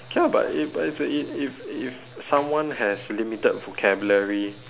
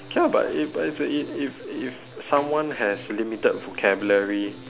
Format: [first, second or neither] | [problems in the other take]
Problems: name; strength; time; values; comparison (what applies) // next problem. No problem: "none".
first | background sound (Plucked string instrument); 20 dB below the speech